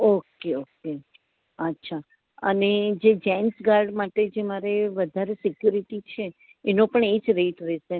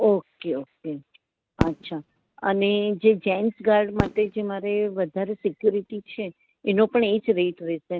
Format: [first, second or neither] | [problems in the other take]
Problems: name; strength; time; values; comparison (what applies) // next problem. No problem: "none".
first | noise reduction (neural mask model RNNoise)